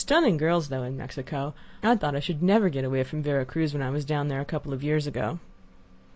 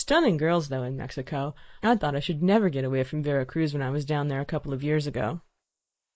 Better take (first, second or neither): first